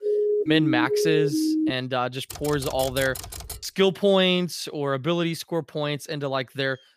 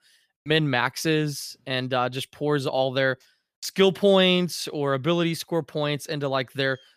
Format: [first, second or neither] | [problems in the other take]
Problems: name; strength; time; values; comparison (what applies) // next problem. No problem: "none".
second | siren; loud; until 1.5 s; peak 2 dB above the speech // keyboard typing; noticeable; from 2.5 to 3.5 s; peak 8 dB below the speech